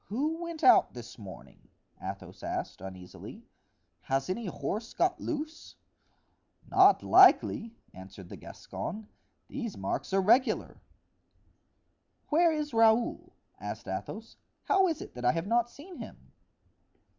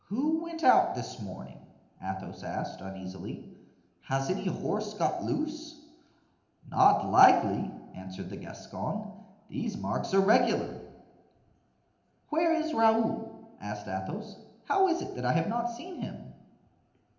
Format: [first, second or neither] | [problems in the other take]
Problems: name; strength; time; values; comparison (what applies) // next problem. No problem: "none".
first | room echo; dies away in 0.8 s